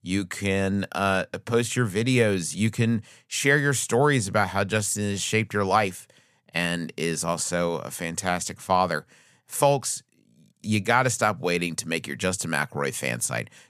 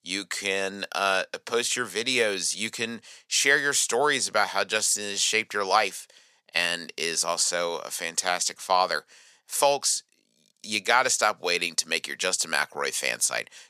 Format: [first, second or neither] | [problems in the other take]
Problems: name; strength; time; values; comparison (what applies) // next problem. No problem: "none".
first | thin; somewhat; fading below 450 Hz